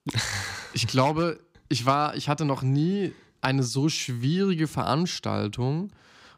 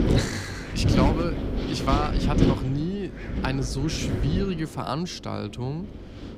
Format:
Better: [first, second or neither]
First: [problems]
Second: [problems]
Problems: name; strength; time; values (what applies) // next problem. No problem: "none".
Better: first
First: none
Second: wind noise on the microphone; heavy; 1 dB below the speech